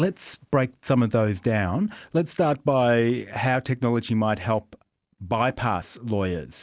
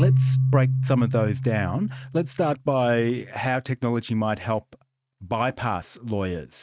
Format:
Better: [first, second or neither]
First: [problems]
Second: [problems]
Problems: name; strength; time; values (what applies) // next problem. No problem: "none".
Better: first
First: none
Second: noise reduction (neural mask model RNNoise)